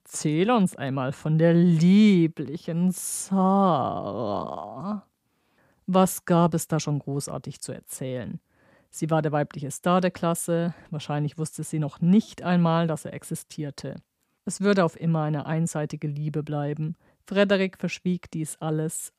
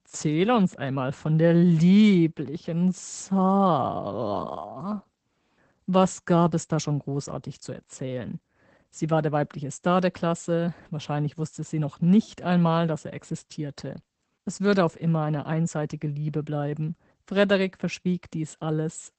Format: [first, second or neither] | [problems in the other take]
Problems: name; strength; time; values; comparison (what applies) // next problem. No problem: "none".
first | garbled, watery; badly; nothing above 8 kHz